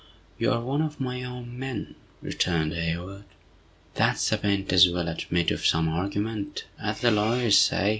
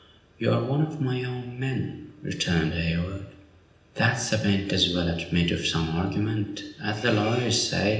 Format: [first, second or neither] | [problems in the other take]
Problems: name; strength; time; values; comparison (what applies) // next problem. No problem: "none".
first | room echo; dies away in 0.8 s